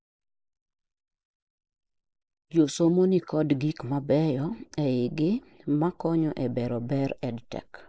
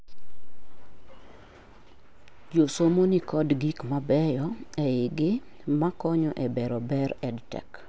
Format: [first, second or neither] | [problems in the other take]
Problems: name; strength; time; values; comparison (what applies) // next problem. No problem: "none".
second | noise reduction (neural mask model Resemble Enhance denoiser)